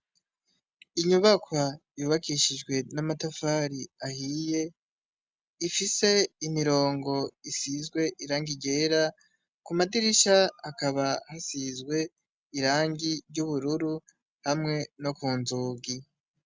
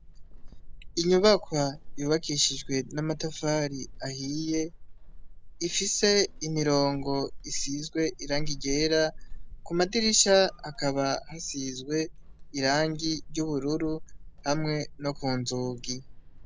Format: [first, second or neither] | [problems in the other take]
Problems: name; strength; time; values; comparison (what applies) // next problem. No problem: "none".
first | background sound (Squeak / Walk, footsteps); 10 dB below the speech